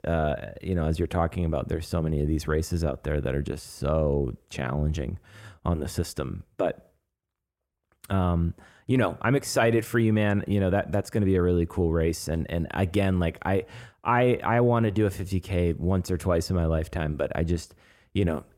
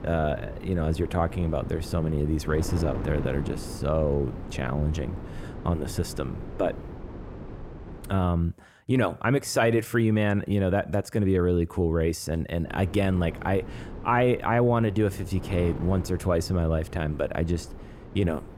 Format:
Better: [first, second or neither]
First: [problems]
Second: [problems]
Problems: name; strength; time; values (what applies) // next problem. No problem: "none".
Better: first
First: none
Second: wind noise on the microphone; occasional gusts; until 8.5 s and from 13 s on; 15 dB below the speech